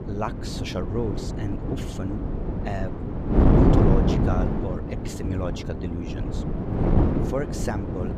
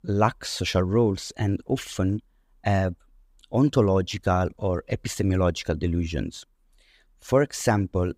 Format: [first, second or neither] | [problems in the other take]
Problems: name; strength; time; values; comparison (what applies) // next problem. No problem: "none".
second | wind noise on the microphone; heavy; 3 dB above the speech